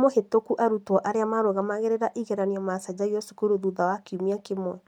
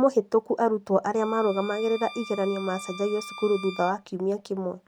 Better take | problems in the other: first | background sound (Bowed string instrument); 16 dB below the speech

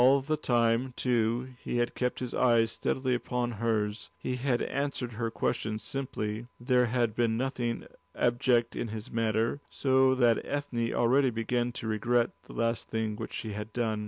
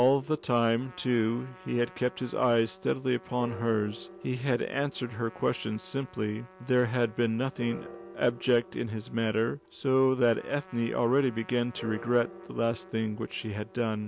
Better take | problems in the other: first | background sound (Piano + Trumpet); 19 dB below the speech

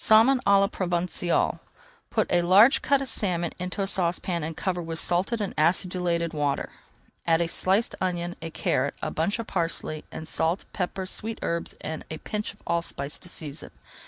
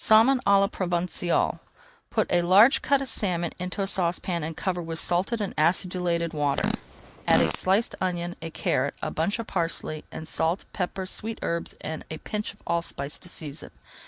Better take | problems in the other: first | background sound (Fart); 6 dB below the speech

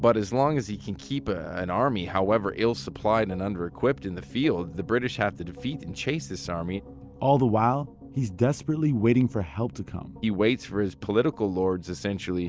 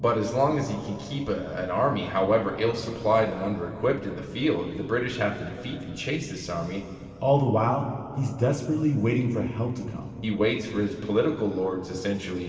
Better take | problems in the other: first | room echo; dies away in 2.4 s

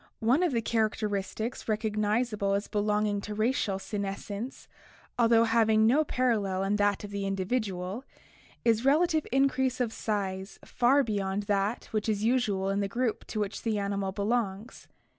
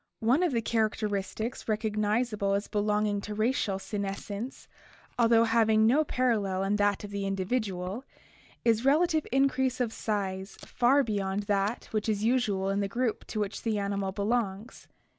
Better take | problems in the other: first | noise reduction (neural mask model DeepFilterNet 3)

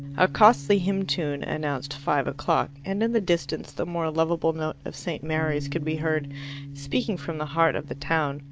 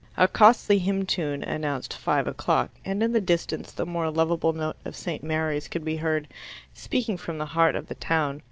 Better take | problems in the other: second | background sound (Bass guitar); 13 dB below the speech

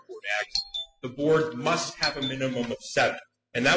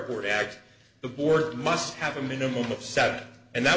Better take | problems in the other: second | noise reduction (classical method spectral subtraction)

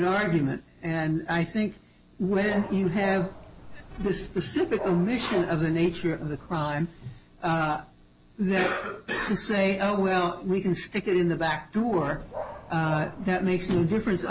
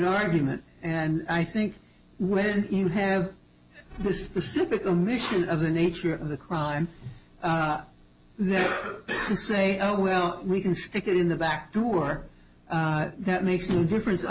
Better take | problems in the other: second | background sound (Dog); 13 dB below the speech

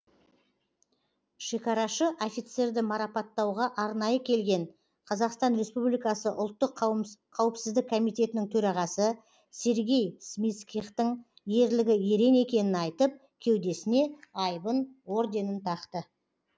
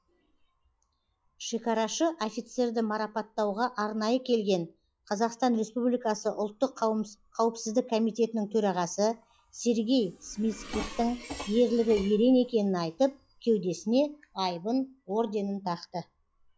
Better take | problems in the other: first | noise reduction (classical method log-MMSE)

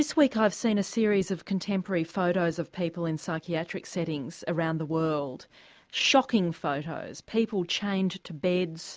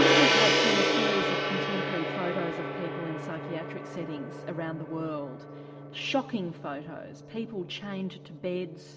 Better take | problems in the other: first | background sound (Gong); 5 dB above the speech // room echo; dies away in 1.2 s

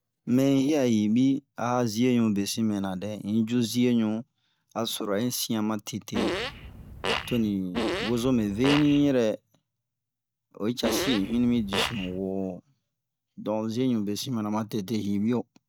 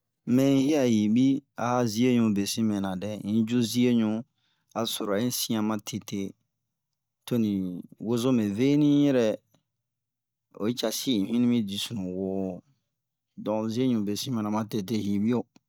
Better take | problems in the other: second | background sound (Fart); 5 dB below the speech

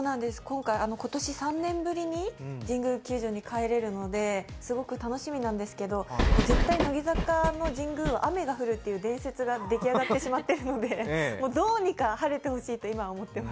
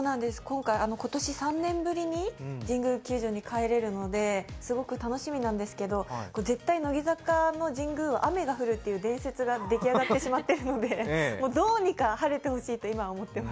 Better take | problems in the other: second | background sound (Train); 2 dB above the speech

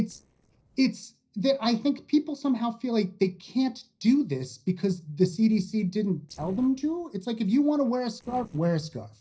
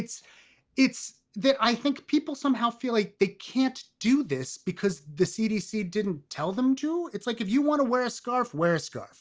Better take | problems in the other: second | noise reduction (neural separator model SepFormer DNS4)

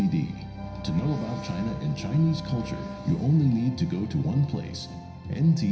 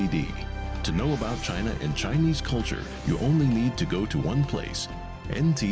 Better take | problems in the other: second | background sound (Wind instrument, woodwind instrument); 15 dB below the speech // room echo; dies away in 0.9 s

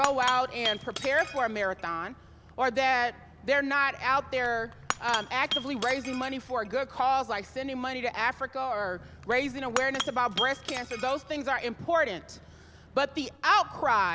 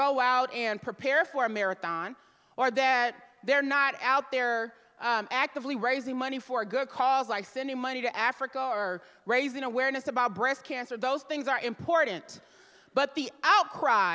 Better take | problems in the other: second | background sound (Shatter / Crushing); 11 dB below the speech

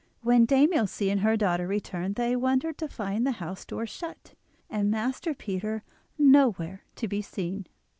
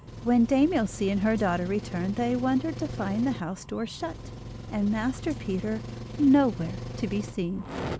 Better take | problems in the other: first | background sound (Engine + Fire); 10 dB below the speech

